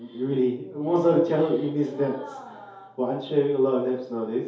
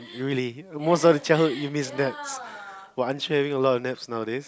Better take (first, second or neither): second